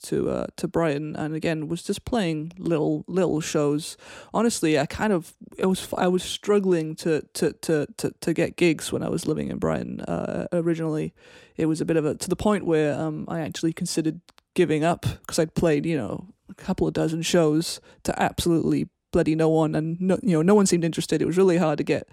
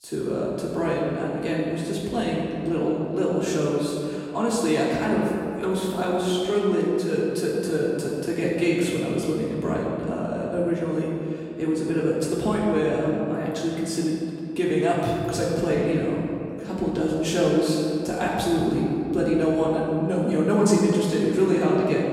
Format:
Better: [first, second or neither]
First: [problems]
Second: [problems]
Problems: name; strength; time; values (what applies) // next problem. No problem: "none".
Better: first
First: none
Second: off-mic speech; far // room echo; strong; dies away in 2.3 s